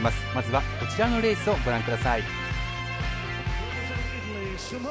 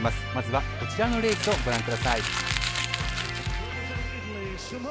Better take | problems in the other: first | background sound (Crumpling, crinkling); 5 dB below the speech

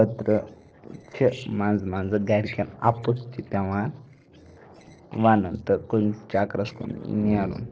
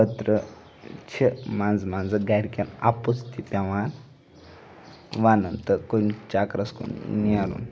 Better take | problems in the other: second | noise reduction (neural separator model SepFormer DNS4)

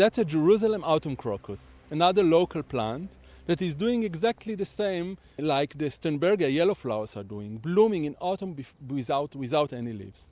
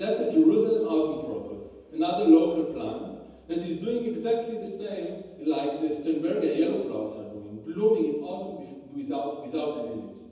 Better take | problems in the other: first | room echo; dies away in 1.1 s

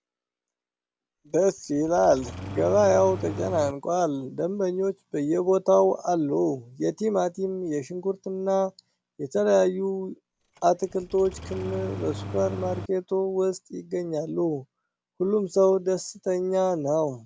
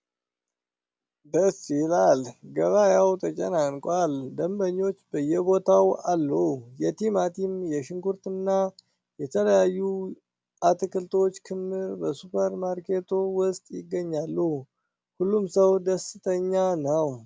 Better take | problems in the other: second | background sound (Engine starting); 11 dB below the speech

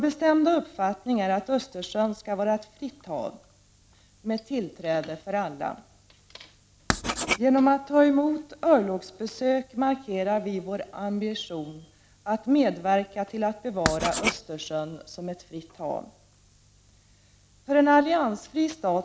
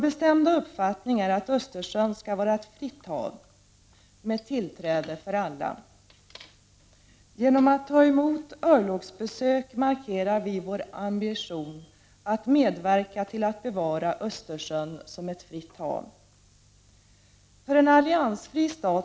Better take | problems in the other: second | background sound (Writing); 4 dB below the speech

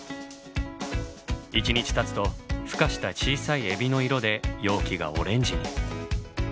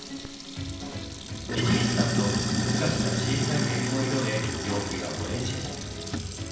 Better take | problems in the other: first | background sound (Sink (filling or washing)); 3 dB above the speech // room echo; dies away in 0.9 s

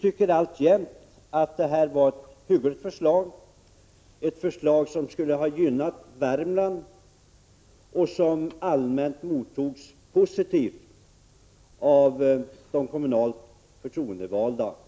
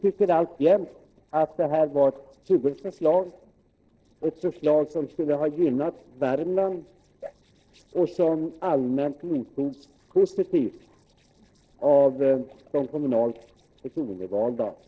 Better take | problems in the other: first | noise reduction (neural separator model SepFormer DNS4)

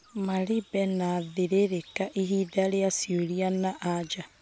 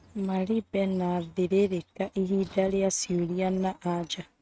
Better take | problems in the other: first | noise reduction (neural mask model RNNoise)

